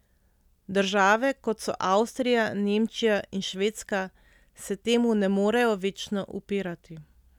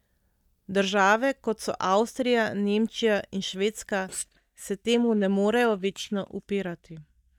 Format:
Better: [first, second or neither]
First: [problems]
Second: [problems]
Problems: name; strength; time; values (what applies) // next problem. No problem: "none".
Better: first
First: none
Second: noise reduction (neural mask model DeepFilterNet 3)